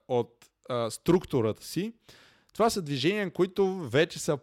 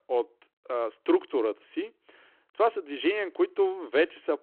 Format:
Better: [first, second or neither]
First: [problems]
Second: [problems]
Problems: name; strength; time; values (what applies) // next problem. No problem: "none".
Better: first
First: none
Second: phone-call audio